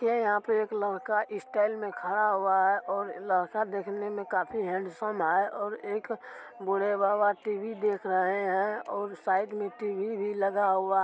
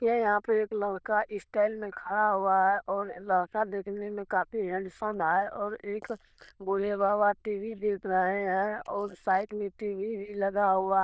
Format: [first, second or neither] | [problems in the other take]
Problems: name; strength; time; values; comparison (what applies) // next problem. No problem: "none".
first | noise reduction (neural diffusion model UNIVERSE++)